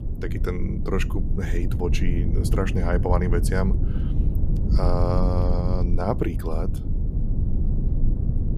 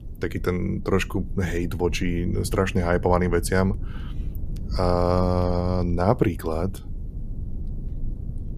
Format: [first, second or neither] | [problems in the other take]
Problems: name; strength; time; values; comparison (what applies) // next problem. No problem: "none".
second | low rumble; loud; throughout; 9 dB below the speech; faint in the second